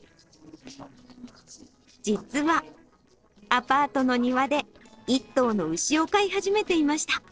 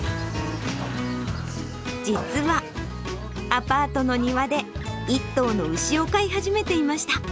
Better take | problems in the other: second | noise reduction (neural separator model SepFormer DNS4)

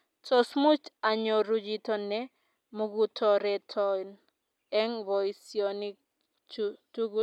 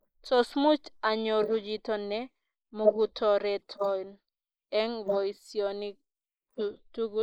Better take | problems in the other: first | noise reduction (neural mask model Resemble Enhance denoiser)

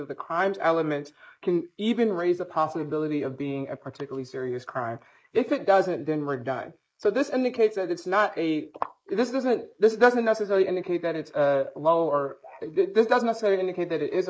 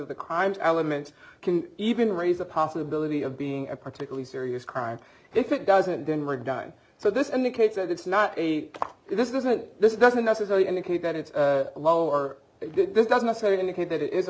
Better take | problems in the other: second | noise reduction (neural mask model Resemble Enhance denoiser)

